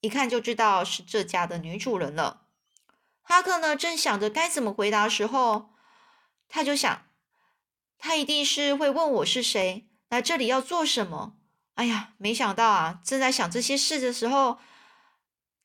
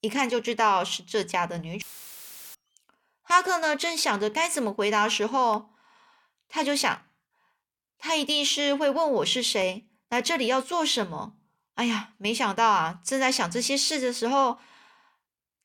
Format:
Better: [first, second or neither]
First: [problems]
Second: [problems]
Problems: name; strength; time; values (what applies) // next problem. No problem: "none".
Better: first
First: none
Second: audio cutting out; filled with static; at 2 s for 0.5 s